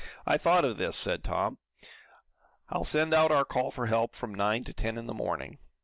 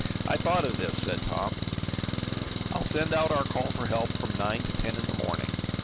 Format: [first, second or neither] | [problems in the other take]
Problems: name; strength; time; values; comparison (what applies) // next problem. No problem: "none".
first | background sound (Engine); as loud as the speech